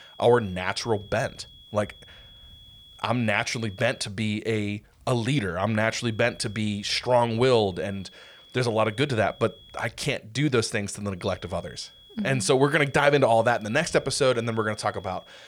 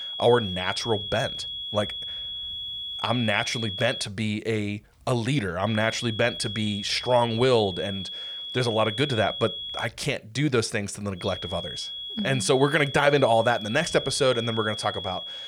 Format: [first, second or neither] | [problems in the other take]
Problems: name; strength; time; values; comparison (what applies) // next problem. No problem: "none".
first | high-pitched whine; loud; until 4 s, from 5.5 to 10 s and from 11 s on; 3.5 kHz, 7 dB below the speech; faint in the first